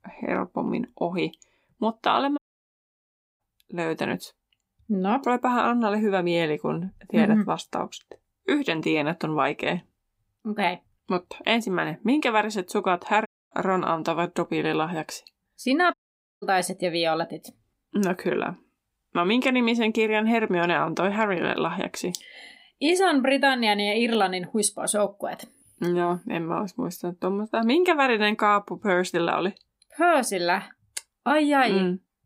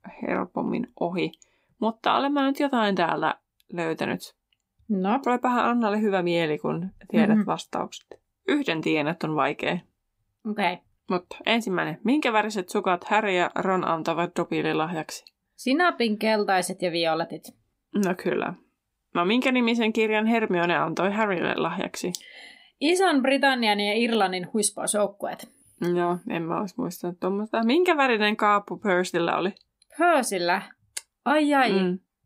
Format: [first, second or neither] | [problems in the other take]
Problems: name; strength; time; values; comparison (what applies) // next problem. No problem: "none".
second | audio cutting out; at 2.5 s for 1 s, at 13 s and at 16 s